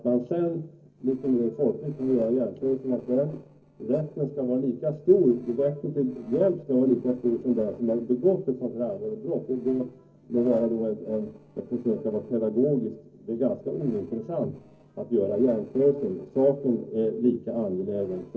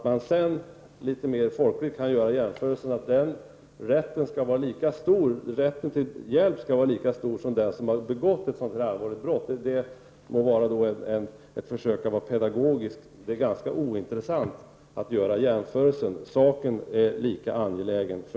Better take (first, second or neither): second